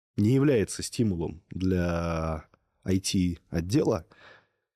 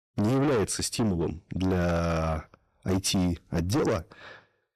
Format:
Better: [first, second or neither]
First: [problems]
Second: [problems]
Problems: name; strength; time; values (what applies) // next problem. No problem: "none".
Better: first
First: none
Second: distortion; heavy; 6 dB below the speech